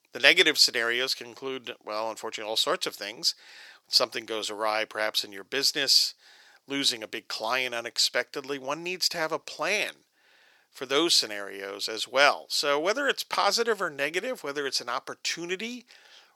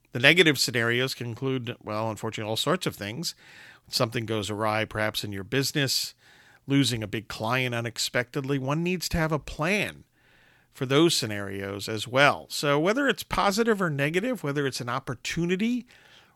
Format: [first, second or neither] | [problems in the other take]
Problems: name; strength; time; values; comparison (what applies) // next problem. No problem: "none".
second | thin; somewhat; fading below 500 Hz